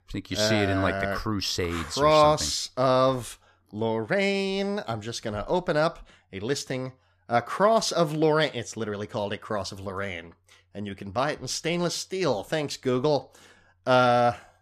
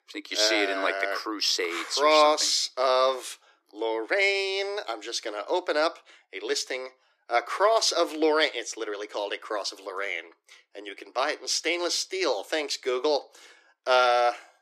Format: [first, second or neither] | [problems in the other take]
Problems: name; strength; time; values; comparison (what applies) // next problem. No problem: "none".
first | thin; very; fading below 300 Hz